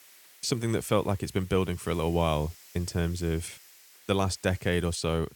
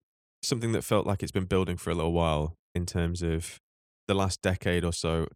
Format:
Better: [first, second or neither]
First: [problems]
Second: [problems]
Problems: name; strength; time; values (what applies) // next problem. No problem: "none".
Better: second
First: hiss; faint; throughout; 20 dB below the speech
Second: none